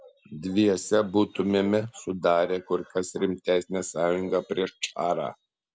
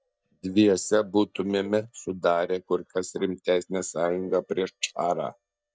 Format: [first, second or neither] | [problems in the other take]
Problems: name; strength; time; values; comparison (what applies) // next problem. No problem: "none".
first | noise reduction (neural mask model DeepFilterNet 3)